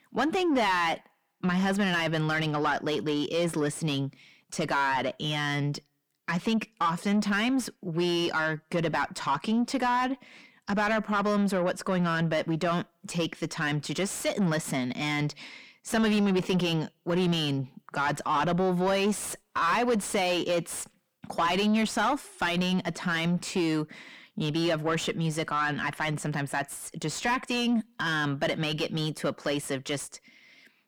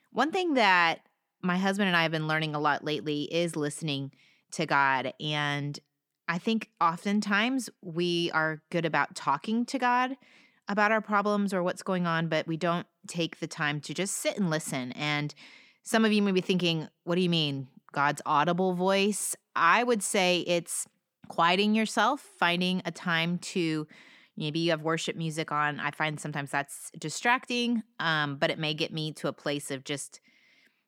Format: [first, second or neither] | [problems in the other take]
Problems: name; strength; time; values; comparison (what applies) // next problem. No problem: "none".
second | distortion; heavy; 7 dB below the speech